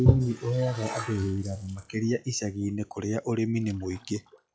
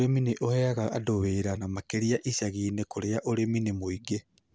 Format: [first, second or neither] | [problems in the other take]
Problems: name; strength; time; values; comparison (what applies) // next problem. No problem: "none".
second | noise reduction (classical method log-MMSE)